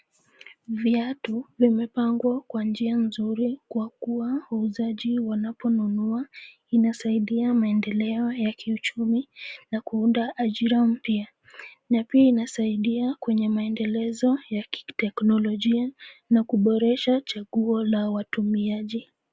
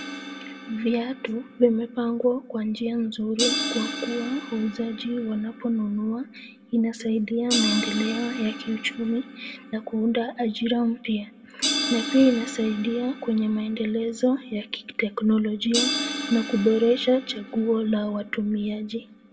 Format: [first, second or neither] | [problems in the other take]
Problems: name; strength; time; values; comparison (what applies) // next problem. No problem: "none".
first | background sound (Crash cymbal); 8 dB below the speech // room echo; dies away in 0.5 s